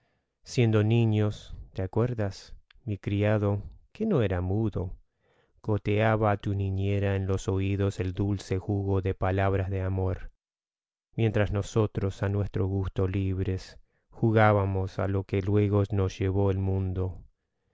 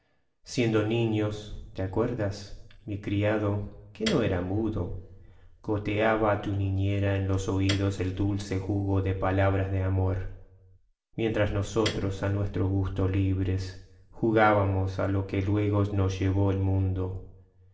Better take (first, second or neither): first